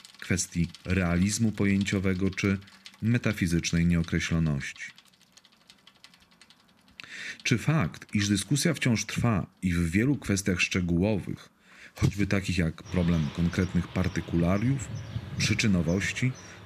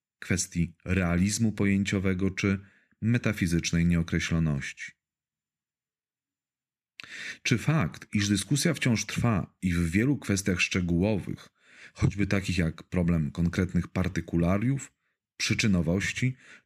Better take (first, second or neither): second